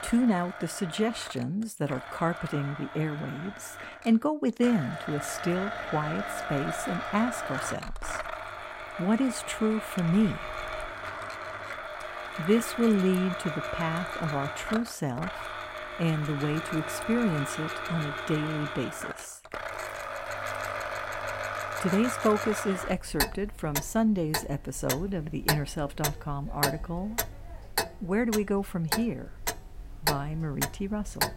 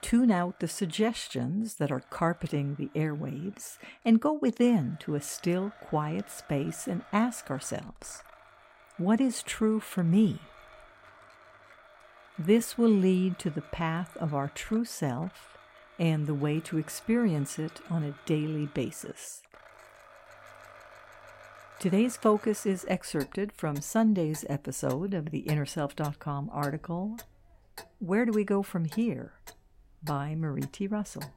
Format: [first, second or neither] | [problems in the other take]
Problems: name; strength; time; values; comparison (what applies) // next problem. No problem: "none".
second | household noises; loud; throughout; 5 dB below the speech; faint in the second